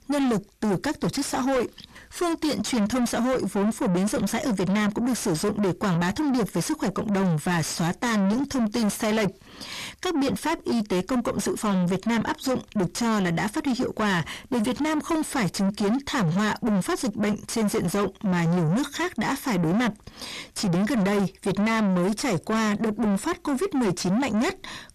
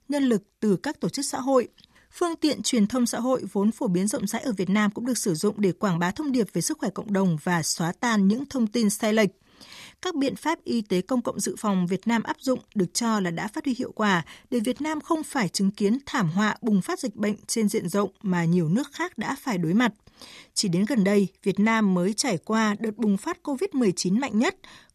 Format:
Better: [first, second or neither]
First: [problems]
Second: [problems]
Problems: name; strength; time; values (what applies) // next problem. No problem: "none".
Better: second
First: distortion; heavy; 7 dB below the speech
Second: none